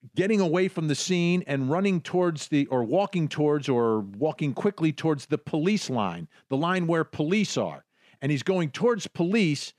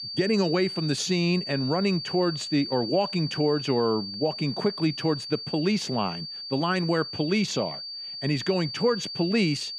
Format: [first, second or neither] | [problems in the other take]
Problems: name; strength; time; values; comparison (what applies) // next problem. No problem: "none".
first | high-pitched whine; loud; throughout; 4.5 kHz, 7 dB below the speech